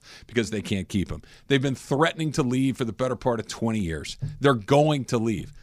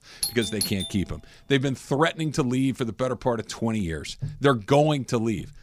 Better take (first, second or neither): first